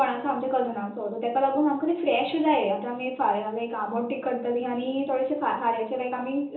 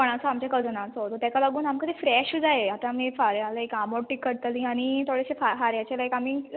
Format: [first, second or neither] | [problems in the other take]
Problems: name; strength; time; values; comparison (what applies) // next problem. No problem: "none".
second | room echo; dies away in 1.2 s